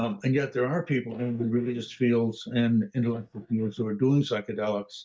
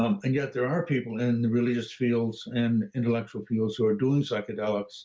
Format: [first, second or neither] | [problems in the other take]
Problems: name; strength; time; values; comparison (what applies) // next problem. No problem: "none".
second | noise reduction (neural mask model DeepFilterNet 3)